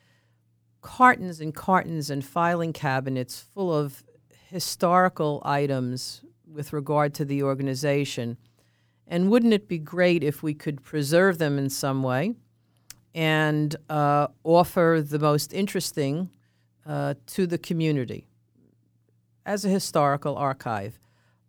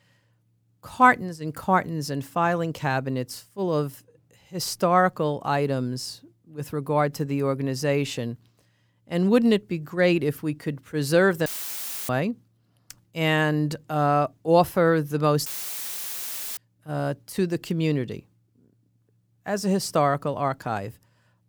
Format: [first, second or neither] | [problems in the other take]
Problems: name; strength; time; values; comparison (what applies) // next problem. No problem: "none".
first | audio cutting out; filled with static; at 11 s for 0.5 s and at 15 s for 1 s